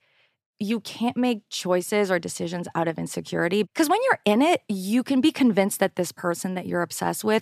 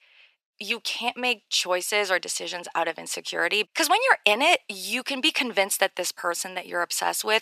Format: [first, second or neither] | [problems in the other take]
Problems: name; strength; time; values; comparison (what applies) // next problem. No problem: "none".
first | thin; very; fading below 650 Hz